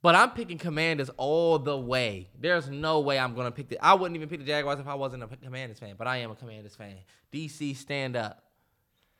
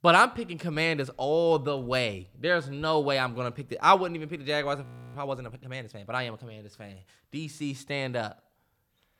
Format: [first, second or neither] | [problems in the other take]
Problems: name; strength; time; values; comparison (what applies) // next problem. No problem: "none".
first | audio freezing; at 5 s